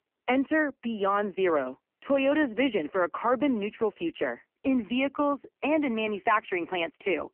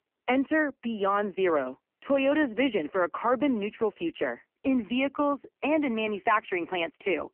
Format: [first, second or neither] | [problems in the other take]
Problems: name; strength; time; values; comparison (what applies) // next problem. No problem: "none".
neither | phone-call audio; poor line; nothing above 3 kHz; the same in both